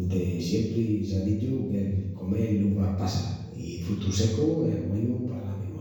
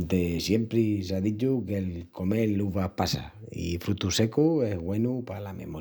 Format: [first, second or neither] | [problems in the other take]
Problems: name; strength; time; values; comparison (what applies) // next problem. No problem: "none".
second | room echo; dies away in 1 s